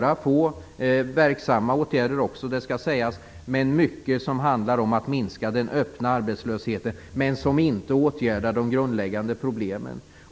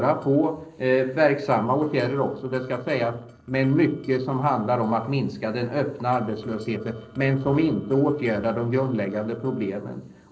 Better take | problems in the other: first | noise reduction (neural separator model SepFormer DNS4)

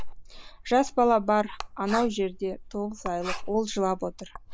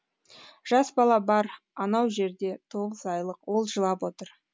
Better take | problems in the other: second | noise reduction (neural mask model Resemble Enhance denoiser)

